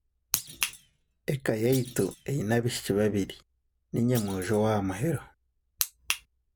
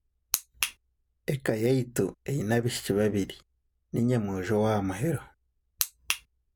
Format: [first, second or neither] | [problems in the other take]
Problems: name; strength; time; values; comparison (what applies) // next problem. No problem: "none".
second | background sound (Thump, thud); 16 dB below the speech